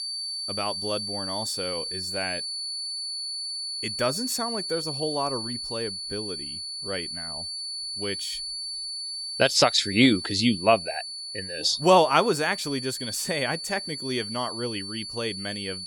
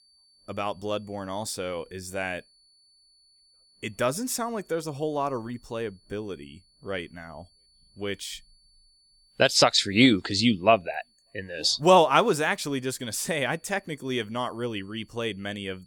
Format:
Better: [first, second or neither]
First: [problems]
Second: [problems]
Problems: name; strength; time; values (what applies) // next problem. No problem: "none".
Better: second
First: high-pitched whine; loud; throughout; 4.5 kHz, 5 dB below the speech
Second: high-pitched whine; faint; throughout; 4.5 kHz, 35 dB below the speech